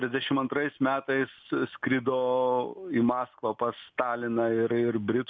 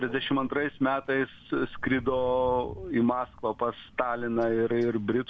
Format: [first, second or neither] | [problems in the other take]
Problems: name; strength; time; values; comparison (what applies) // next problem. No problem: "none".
first | background sound (Crow); 17 dB below the speech